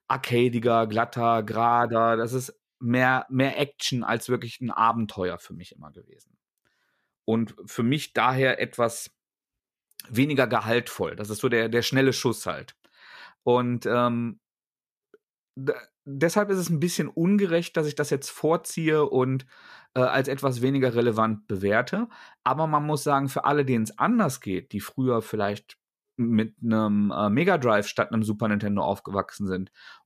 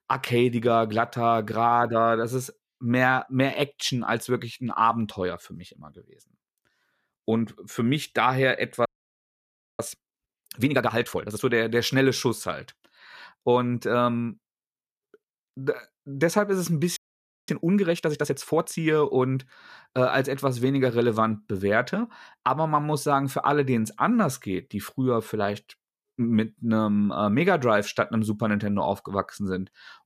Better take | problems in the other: first | audio freezing; at 9 s for 1 s and at 17 s for 0.5 s

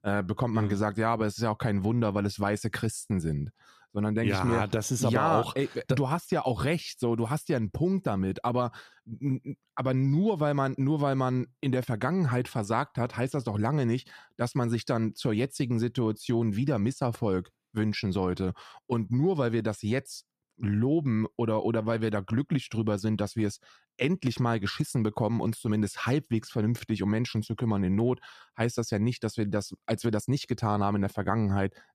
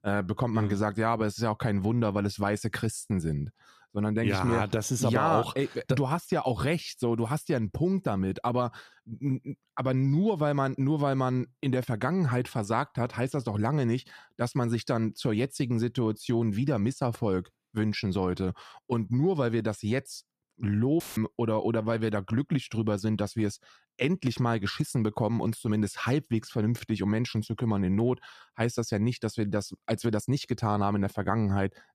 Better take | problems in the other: first | audio cutting out; filled with static; at 21 s

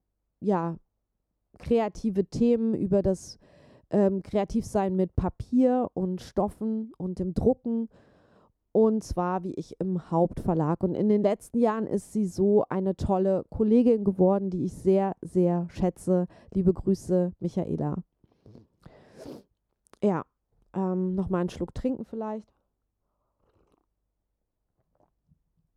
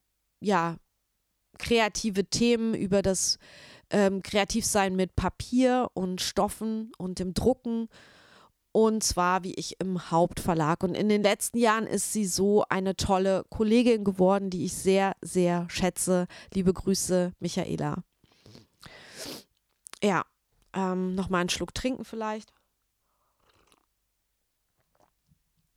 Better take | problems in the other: second | muffled; very; fading above 1 kHz

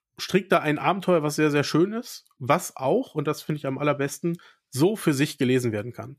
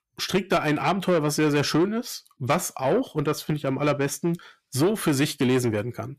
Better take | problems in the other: first | distortion; slight; 10 dB below the speech

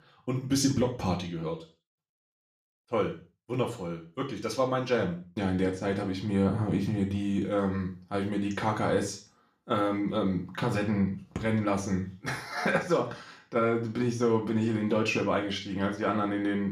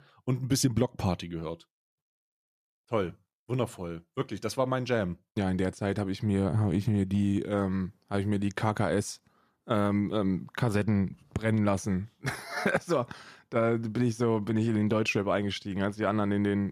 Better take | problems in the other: second | room echo; slight; dies away in 0.4 s // off-mic speech; somewhat distant

